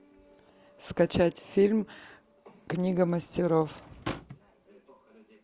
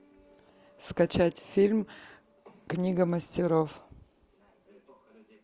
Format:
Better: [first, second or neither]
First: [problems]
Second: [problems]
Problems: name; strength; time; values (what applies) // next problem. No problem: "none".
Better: second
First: background sound (Drawer open or close / Wood); 13 dB below the speech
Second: none